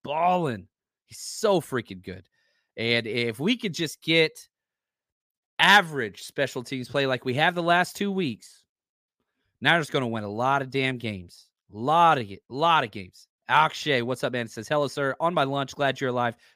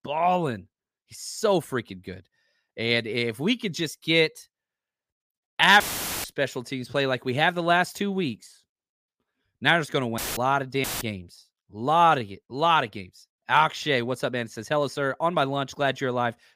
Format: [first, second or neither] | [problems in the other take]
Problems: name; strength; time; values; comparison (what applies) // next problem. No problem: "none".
first | audio cutting out; filled with static; at 6 s, at 10 s and at 11 s